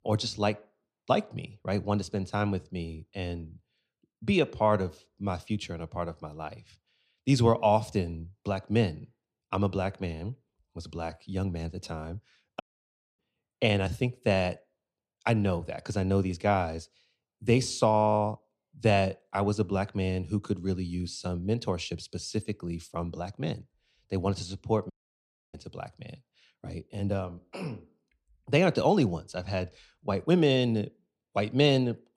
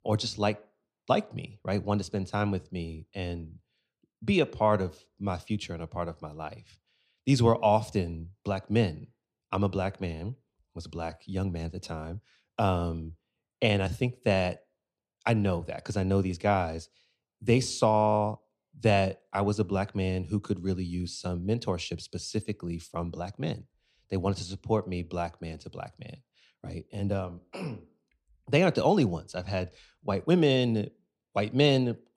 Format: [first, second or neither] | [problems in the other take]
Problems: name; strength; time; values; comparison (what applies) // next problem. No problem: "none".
second | audio cutting out; at 13 s for 0.5 s and at 25 s for 0.5 s